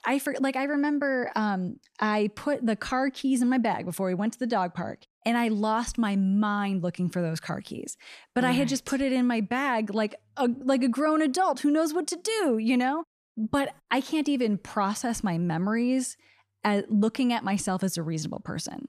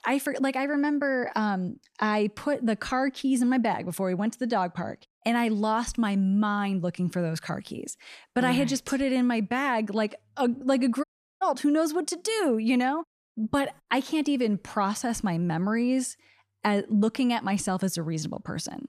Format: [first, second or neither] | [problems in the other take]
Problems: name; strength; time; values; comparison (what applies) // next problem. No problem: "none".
first | audio cutting out; at 11 s